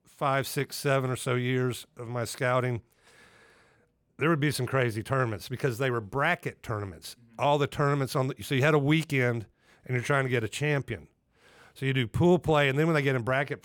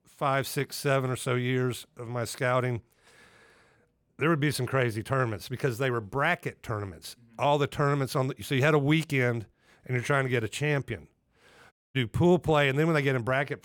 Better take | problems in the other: first | audio cutting out; at 12 s

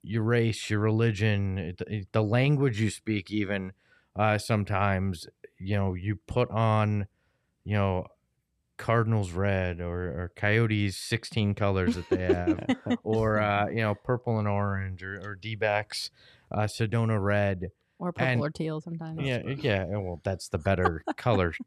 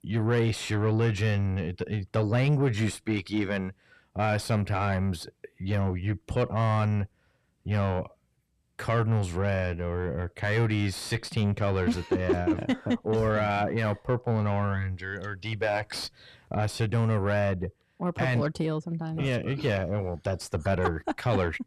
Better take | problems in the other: first | distortion; slight; 9 dB below the speech

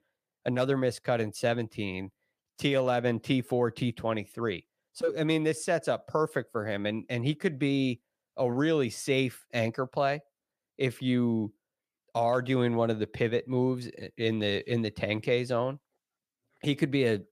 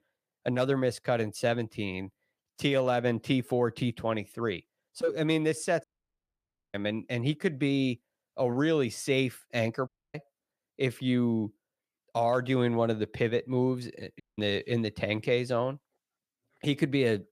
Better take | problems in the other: first | audio cutting out; at 6 s for 1 s, at 10 s and at 14 s

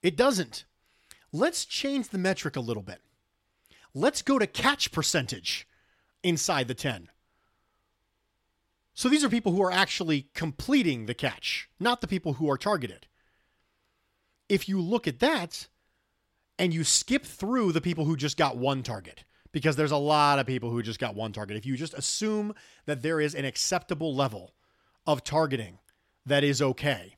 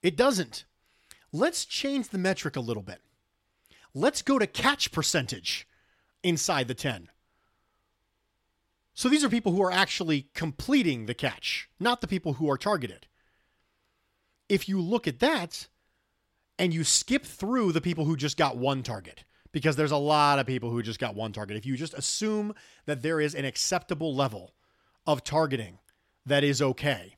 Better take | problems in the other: neither | none

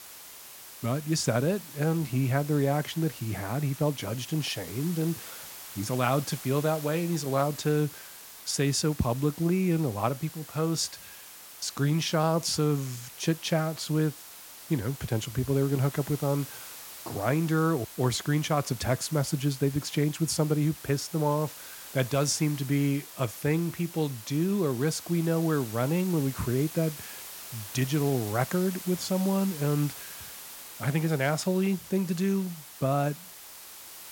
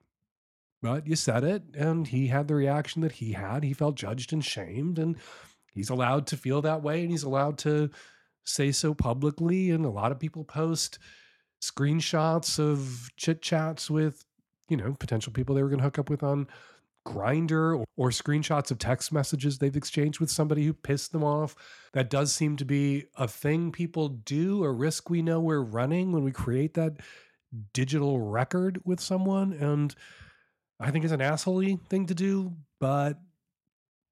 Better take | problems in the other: second | hiss; noticeable; throughout; 15 dB below the speech

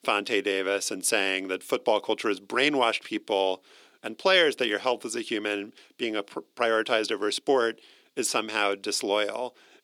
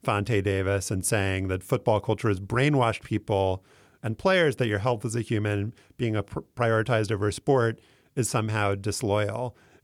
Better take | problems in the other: second | thin; somewhat; fading below 250 Hz

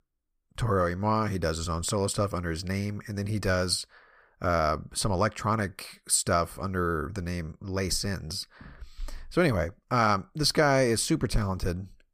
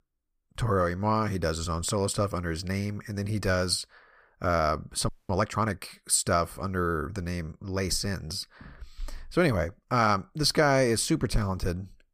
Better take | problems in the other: first | audio freezing; at 5 s

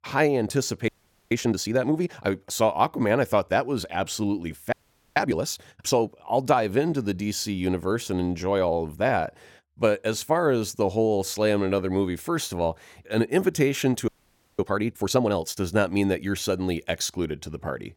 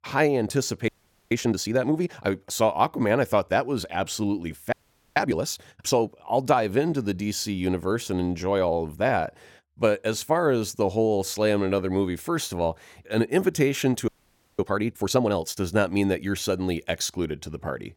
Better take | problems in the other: neither | audio freezing; at 1 s, at 4.5 s and at 14 s for 0.5 s; the same in both

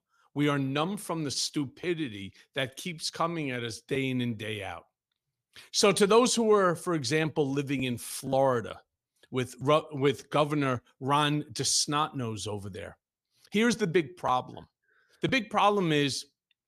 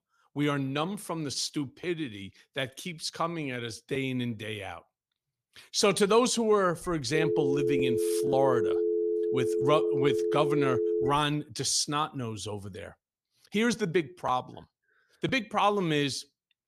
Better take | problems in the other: first | phone ringing; loud; from 7 to 11 s; peak 2 dB above the speech

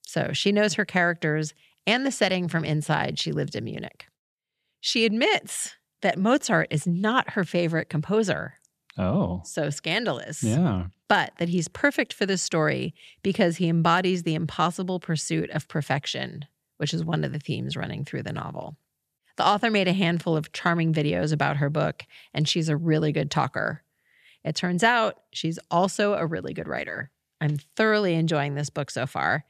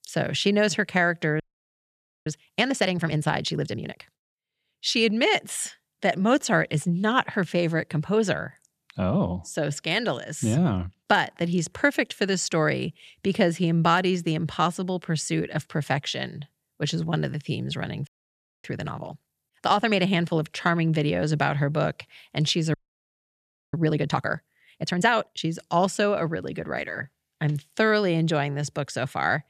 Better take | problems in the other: first | audio freezing; at 1.5 s for 1 s, at 18 s for 0.5 s and at 23 s for 1 s

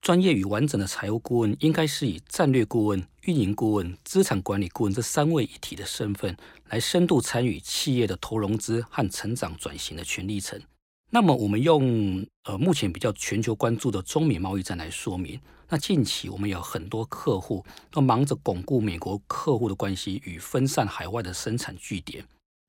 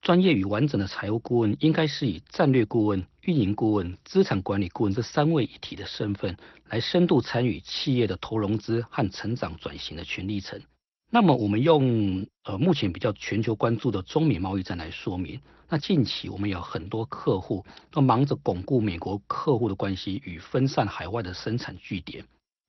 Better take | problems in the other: first | garbled, watery; slightly; nothing above 6 kHz

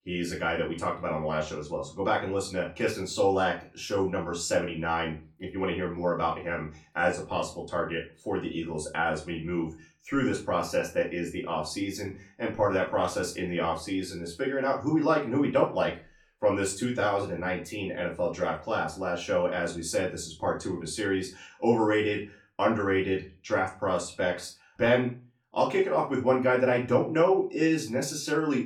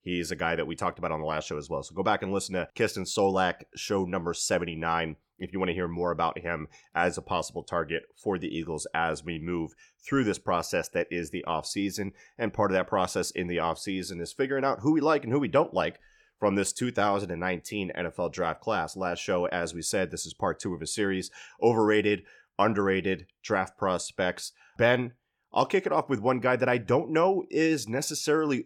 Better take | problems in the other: second | off-mic speech; far // room echo; very slight; dies away in 0.3 s

